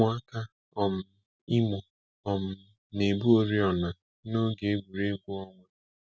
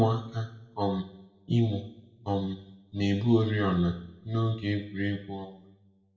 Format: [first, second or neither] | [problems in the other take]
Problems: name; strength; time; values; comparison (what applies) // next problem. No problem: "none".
first | room echo; dies away in 0.6 s